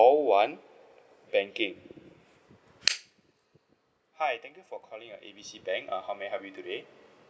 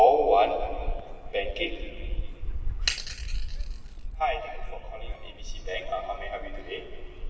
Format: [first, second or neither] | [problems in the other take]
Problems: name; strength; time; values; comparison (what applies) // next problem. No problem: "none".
first | background sound (Gull, seagull); 3 dB below the speech // room echo; dies away in 2.3 s